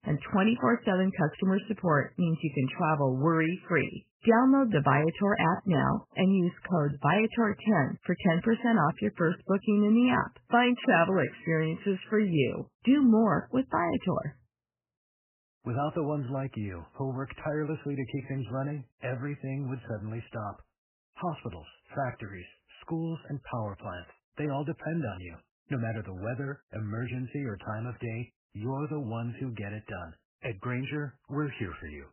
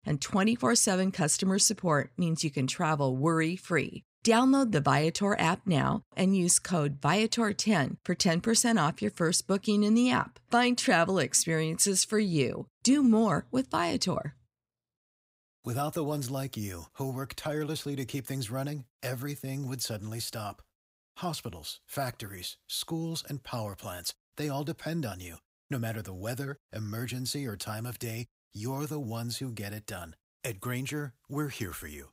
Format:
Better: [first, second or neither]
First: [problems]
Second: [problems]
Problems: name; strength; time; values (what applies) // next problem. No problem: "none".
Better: second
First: garbled, watery; badly; nothing above 3 kHz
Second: none